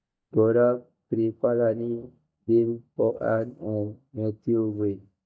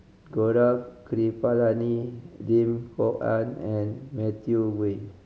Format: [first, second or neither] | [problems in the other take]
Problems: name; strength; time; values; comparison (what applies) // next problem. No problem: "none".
second | noise reduction (neural mask model DeepFilterNet 3)